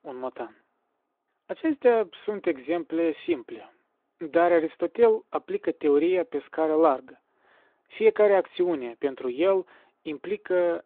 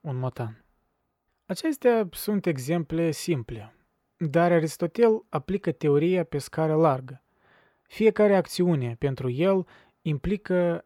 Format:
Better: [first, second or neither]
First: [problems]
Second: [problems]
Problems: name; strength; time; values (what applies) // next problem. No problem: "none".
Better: second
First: phone-call audio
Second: none